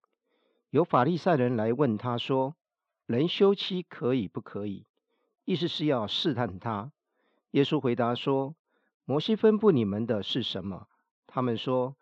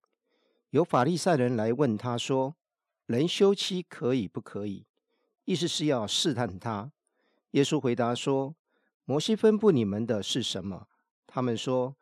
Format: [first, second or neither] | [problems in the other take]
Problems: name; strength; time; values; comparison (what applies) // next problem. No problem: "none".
second | muffled; slightly; fading above 3.5 kHz